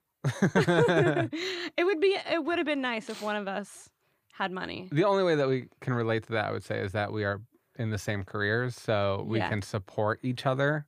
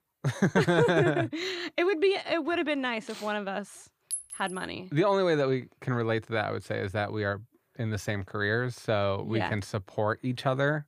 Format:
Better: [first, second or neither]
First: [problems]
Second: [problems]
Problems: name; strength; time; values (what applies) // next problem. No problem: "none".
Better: first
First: none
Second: clattering dishes; noticeable; at 4 s; peak 6 dB below the speech